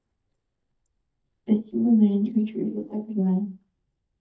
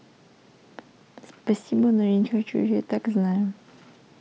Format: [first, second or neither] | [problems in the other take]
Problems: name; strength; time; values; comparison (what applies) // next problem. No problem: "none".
second | noise reduction (neural mask model DeepFilterNet 3)